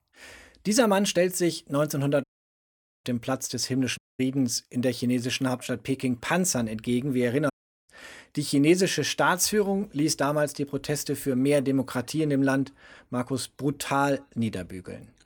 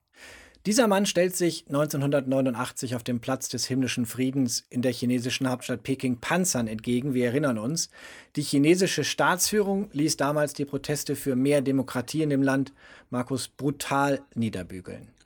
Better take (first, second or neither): second